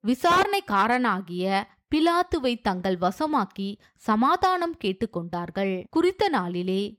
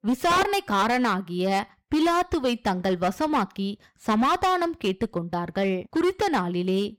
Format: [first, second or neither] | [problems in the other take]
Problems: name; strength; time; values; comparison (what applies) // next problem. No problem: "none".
first | distortion; slight; 12% of the sound clipped